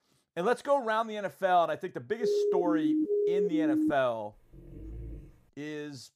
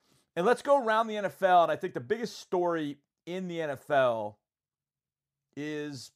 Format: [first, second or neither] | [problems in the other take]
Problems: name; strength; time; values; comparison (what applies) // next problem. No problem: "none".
second | siren; loud; from 2 to 4 s; peak 4 dB above the speech // dog barking; faint; from 4.5 to 5.5 s; peak 15 dB below the speech